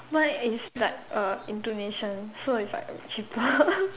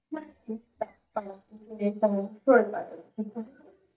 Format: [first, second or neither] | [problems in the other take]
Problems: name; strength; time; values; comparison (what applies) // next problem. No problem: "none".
first | noise reduction (neural mask model DeepFilterNet 3)